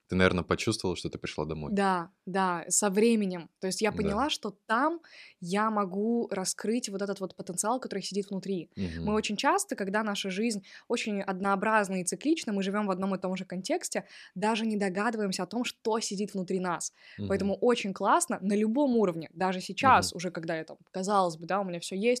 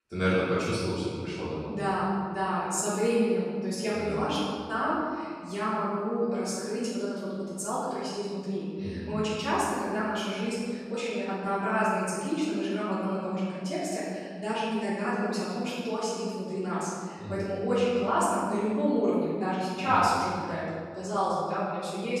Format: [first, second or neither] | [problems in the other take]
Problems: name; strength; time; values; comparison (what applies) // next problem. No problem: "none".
first | off-mic speech; far // room echo; strong; dies away in 1.8 s